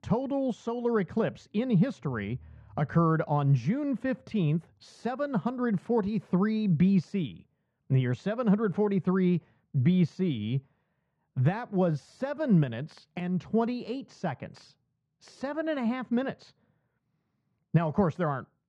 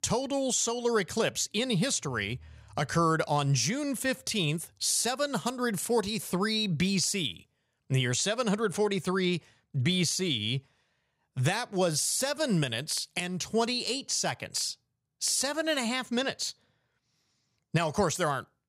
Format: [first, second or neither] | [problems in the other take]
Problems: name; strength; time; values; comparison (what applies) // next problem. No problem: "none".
second | muffled; very; fading above 1.5 kHz